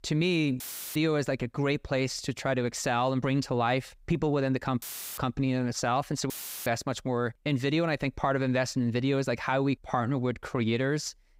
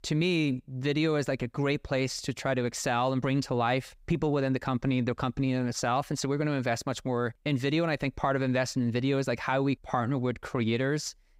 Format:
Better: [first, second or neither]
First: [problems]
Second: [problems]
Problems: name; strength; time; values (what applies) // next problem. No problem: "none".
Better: second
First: audio cutting out; filled with static; at 0.5 s, at 5 s and at 6.5 s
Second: none